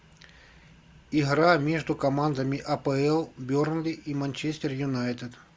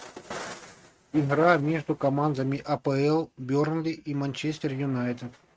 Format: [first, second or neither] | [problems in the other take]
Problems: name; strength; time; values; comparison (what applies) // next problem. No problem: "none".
first | noise reduction (neural mask model RNNoise)